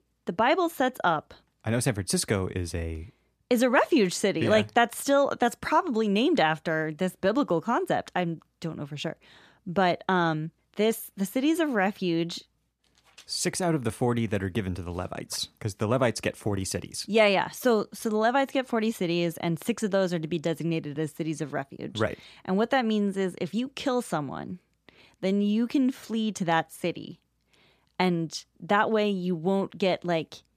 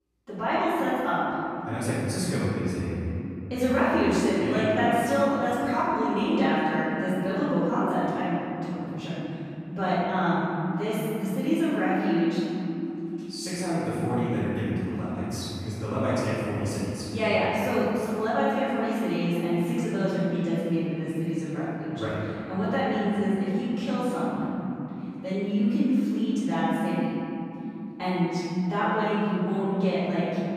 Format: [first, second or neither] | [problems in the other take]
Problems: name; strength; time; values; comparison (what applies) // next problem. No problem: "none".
first | off-mic speech; far // room echo; strong; dies away in 3 s